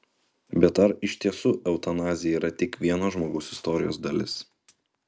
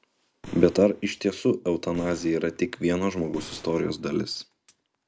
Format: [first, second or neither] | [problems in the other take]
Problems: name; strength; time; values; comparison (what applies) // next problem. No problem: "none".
first | background sound (Boom); 20 dB below the speech